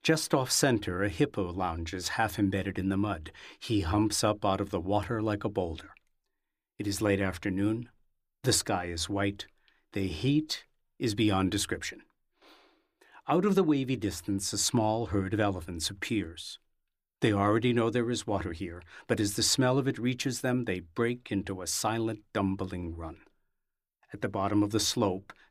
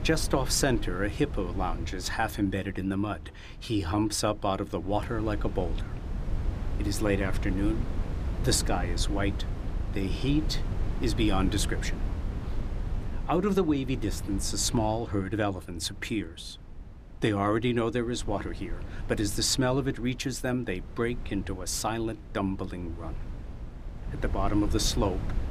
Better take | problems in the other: first | wind noise on the microphone; occasional gusts; 15 dB below the speech

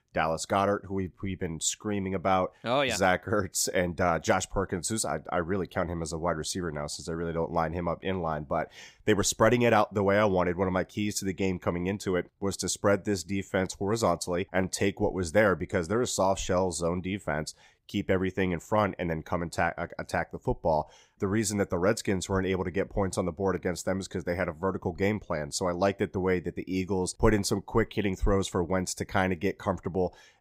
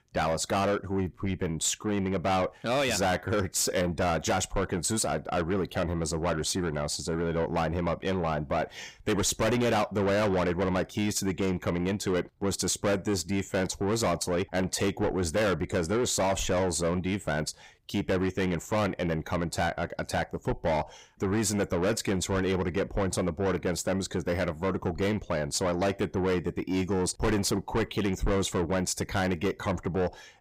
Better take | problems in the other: first | distortion; heavy; 8 dB below the speech

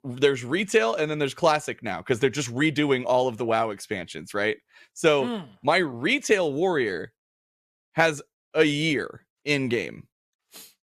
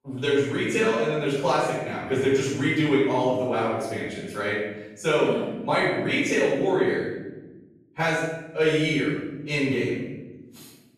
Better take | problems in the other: first | off-mic speech; far // room echo; strong; dies away in 1.1 s

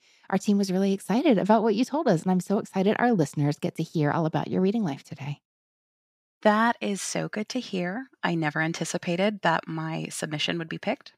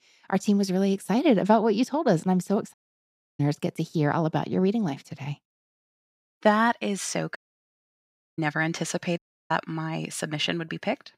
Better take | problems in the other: first | audio cutting out; at 2.5 s for 0.5 s, at 7.5 s for 1 s and at 9 s

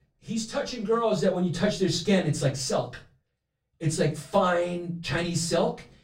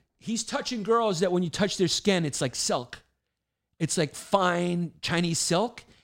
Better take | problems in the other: second | off-mic speech; far // room echo; very slight; dies away in 0.3 s

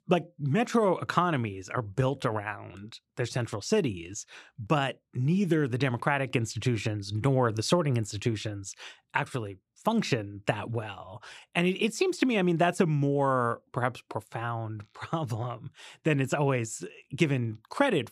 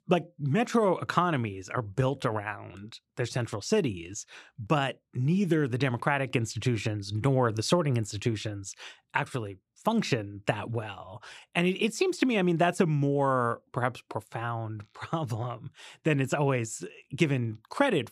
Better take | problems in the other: neither | none

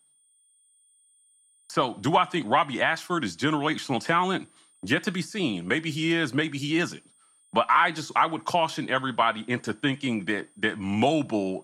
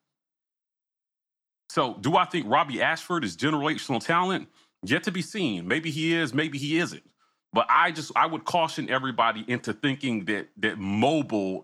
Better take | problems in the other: second | high-pitched whine; faint; throughout; 9 kHz, 35 dB below the speech

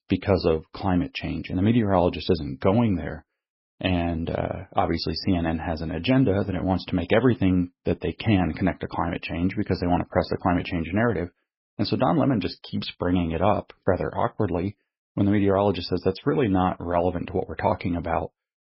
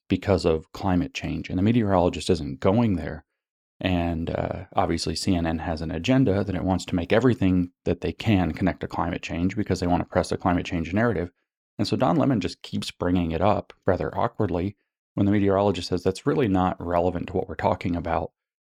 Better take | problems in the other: second | garbled, watery; badly; nothing above 5.5 kHz

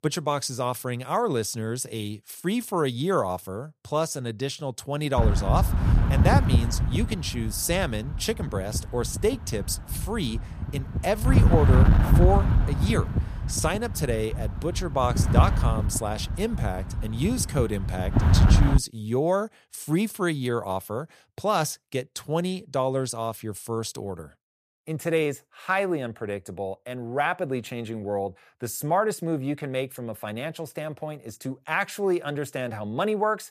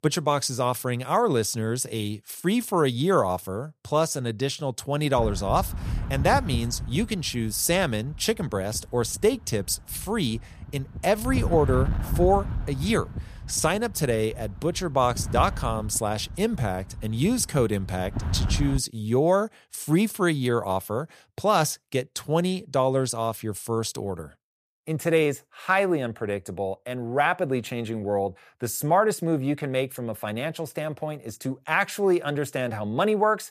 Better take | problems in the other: second | wind noise on the microphone; heavy; from 5 to 19 s; 6 dB below the speech; occasional gusts in the second

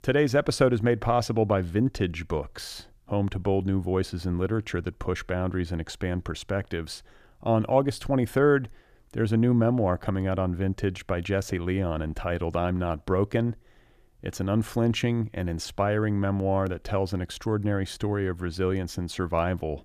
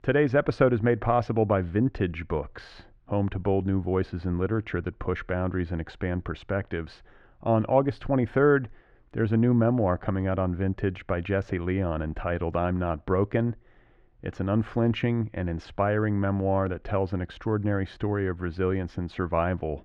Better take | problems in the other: first | muffled; very; fading above 2 kHz

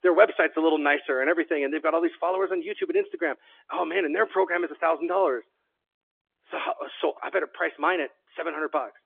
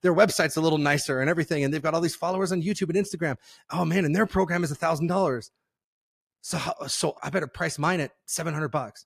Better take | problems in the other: second | phone-call audio; nothing above 3.5 kHz

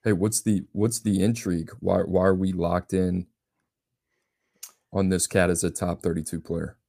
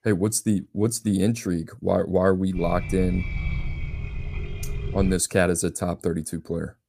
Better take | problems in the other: first | low rumble; noticeable; from 2.5 to 5 s; 15 dB below the speech

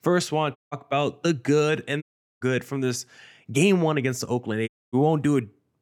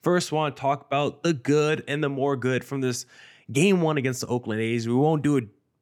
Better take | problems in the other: second | audio cutting out; at 0.5 s, at 2 s and at 4.5 s

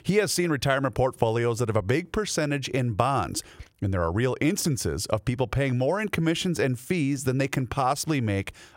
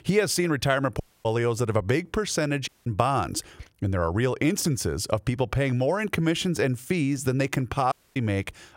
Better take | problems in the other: first | audio cutting out; at 1 s, at 2.5 s and at 8 s

